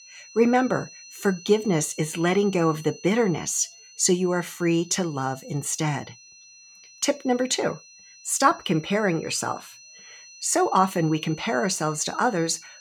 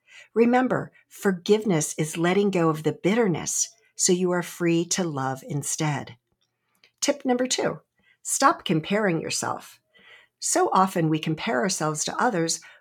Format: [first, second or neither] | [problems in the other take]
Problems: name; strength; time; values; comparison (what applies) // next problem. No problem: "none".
second | high-pitched whine; faint; throughout; 6 kHz, 20 dB below the speech